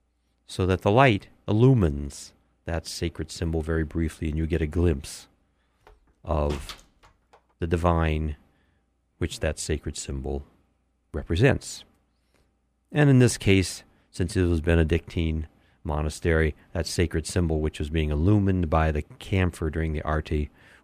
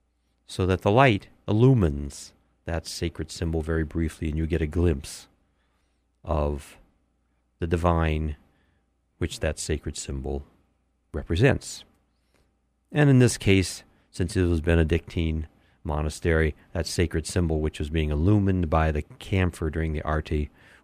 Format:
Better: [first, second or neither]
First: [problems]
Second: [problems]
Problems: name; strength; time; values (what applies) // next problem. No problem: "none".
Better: second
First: door banging; faint; from 6 to 7.5 s; peak 15 dB below the speech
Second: none